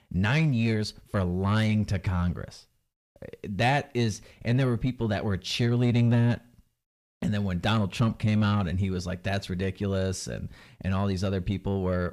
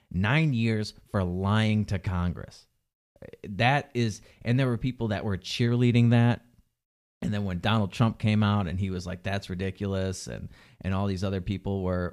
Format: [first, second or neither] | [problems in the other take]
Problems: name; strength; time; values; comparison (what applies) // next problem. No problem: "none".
second | distortion; slight; 10 dB below the speech